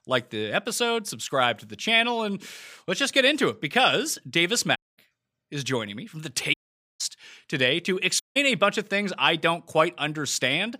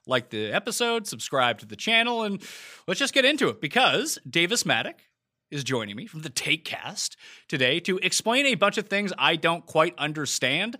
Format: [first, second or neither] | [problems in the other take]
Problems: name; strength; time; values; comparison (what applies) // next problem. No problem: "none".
second | audio cutting out; at 5 s, at 6.5 s and at 8 s